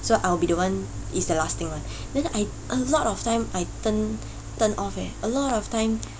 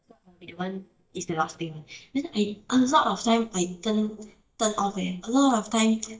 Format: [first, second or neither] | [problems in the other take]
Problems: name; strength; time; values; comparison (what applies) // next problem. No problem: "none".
first | noise reduction (neural mask model DeepFilterNet 3)